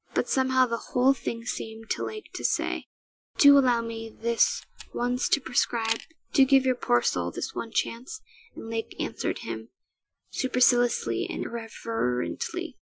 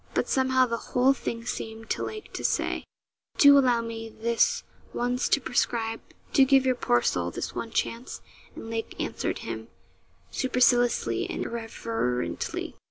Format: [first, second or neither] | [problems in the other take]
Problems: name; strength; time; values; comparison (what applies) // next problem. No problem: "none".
second | noise reduction (classical method Wiener filter)